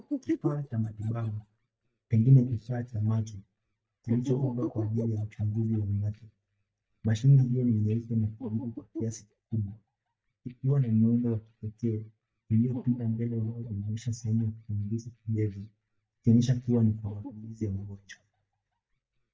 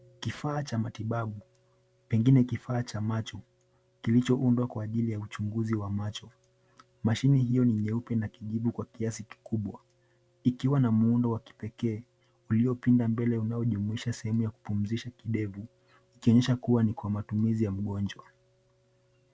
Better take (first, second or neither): second